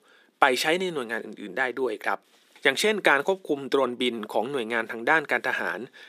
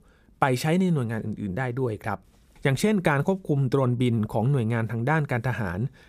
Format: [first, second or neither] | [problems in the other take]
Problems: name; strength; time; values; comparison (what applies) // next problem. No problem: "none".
second | thin; very; fading below 300 Hz